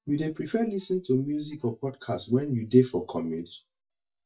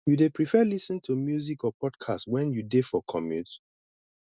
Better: second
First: noise reduction (neural mask model DeepFilterNet 3)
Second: none

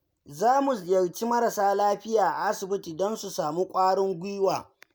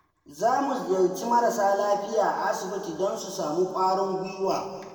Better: first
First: none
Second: room echo; dies away in 2 s

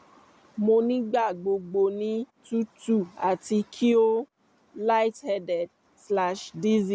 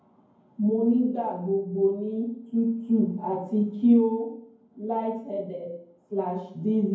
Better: first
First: none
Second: room echo; dies away in 0.9 s

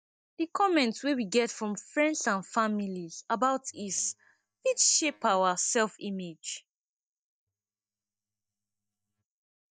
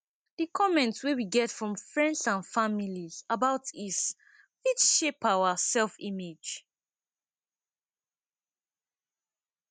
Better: second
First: noise reduction (neural mask model DeepFilterNet 3)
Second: none

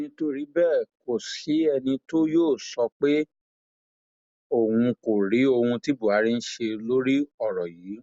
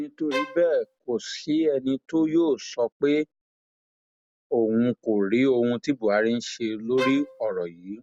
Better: first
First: none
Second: background sound (Bowed string instrument); 8 dB below the speech

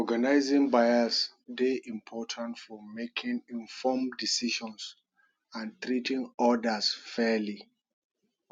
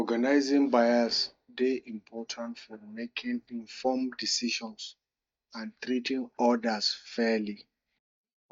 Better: first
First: none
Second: noise reduction (neural mask model DeepFilterNet 3)

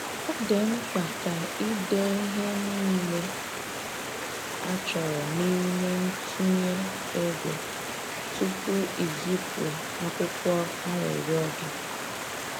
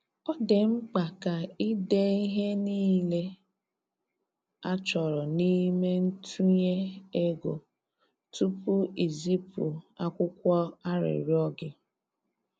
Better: second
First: background sound (Stream); 4 dB below the speech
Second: none

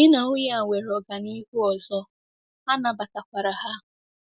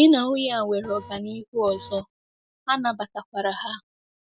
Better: first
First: none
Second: background sound (Printer); 16 dB below the speech

